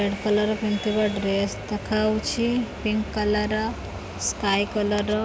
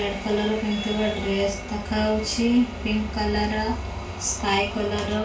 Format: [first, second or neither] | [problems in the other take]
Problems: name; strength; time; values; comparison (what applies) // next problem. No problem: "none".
first | room echo; dies away in 0.2 s